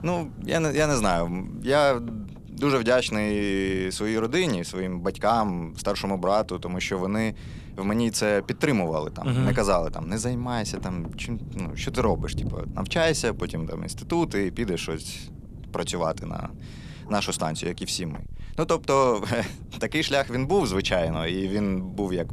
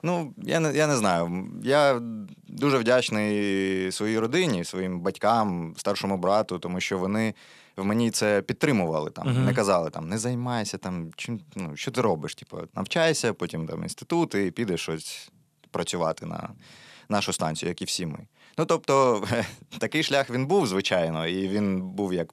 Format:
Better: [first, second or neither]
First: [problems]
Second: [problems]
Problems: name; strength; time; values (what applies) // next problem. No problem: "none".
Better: second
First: wind noise on the microphone; occasional gusts; 25 dB below the speech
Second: none